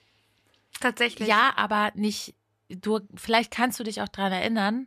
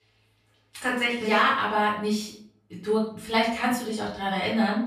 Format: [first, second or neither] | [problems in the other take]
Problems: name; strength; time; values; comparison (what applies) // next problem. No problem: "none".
first | off-mic speech; far // room echo; noticeable; dies away in 0.4 s